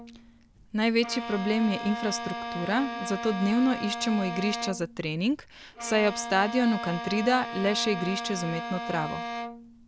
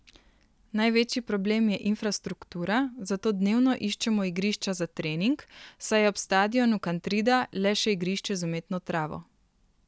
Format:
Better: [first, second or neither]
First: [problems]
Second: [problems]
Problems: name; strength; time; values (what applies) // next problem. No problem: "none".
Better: second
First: background sound (Bowed string instrument); 8 dB below the speech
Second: none